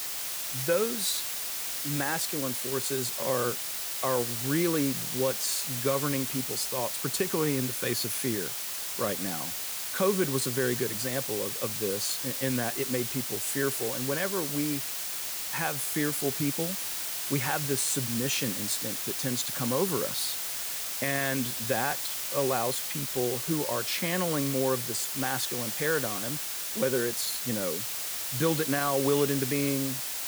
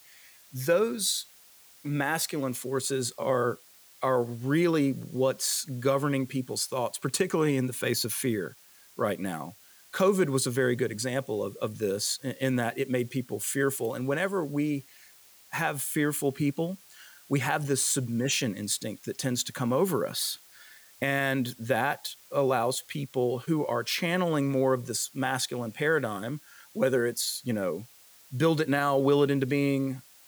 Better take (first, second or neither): second